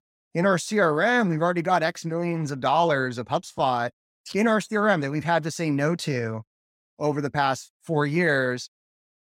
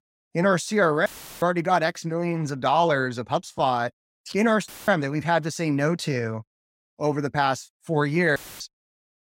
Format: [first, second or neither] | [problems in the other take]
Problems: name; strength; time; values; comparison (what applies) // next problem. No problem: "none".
first | audio cutting out; filled with static; at 1 s, at 4.5 s and at 8.5 s